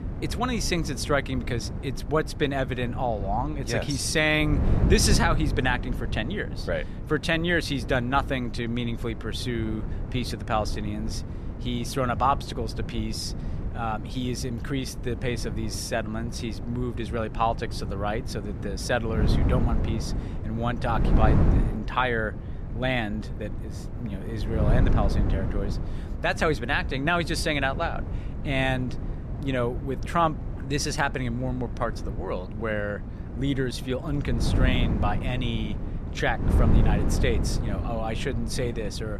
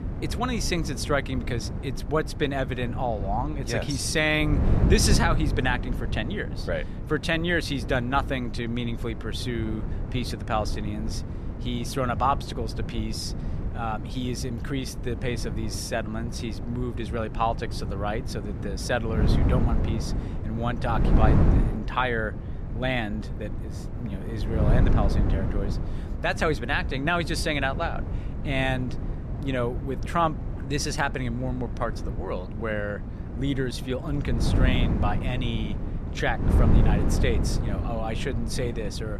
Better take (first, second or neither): first